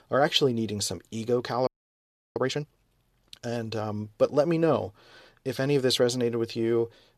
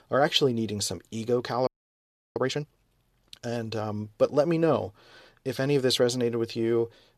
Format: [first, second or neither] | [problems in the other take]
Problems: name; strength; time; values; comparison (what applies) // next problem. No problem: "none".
neither | audio freezing; at 1.5 s for 0.5 s; the same in both